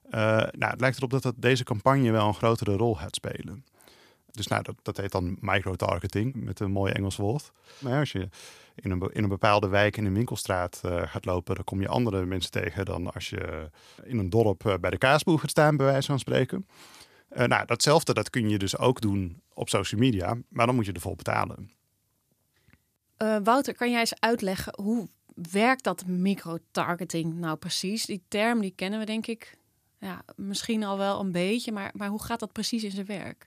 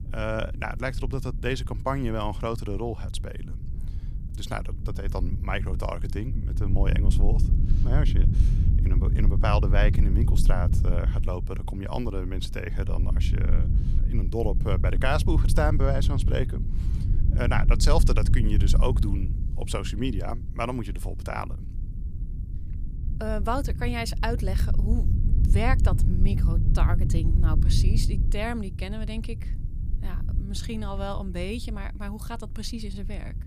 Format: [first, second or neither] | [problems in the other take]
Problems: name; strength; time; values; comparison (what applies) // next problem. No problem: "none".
first | low rumble; loud; throughout; 10 dB below the speech